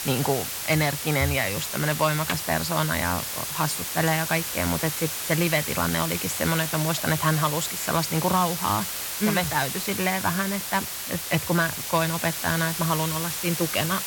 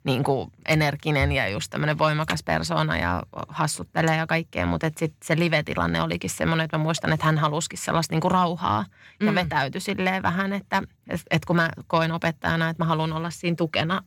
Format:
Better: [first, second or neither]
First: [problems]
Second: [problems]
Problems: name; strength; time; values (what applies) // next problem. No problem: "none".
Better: second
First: hiss; loud; throughout; 3 dB below the speech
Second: none